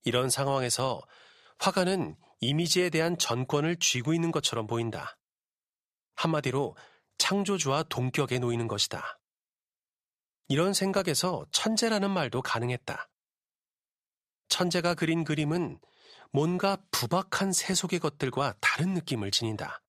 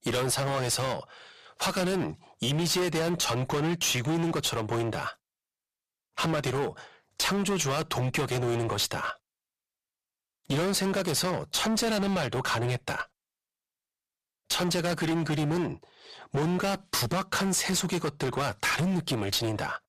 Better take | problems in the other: first | distortion; heavy; 22% of the sound clipped

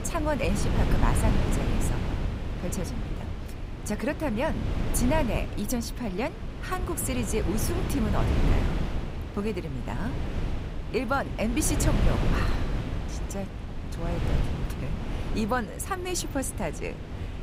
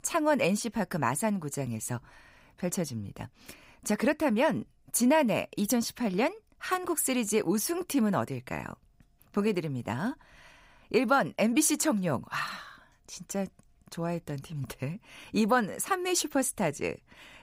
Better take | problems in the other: second | wind noise on the microphone; heavy; 5 dB below the speech

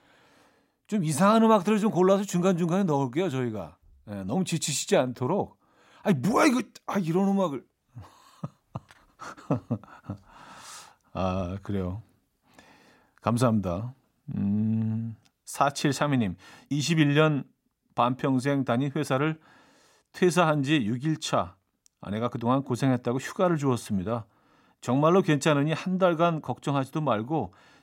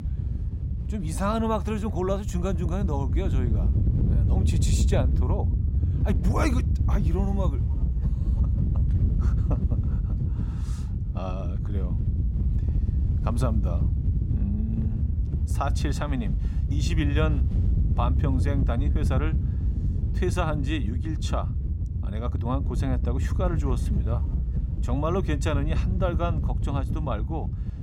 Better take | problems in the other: first | wind noise on the microphone; heavy; 8 dB below the speech

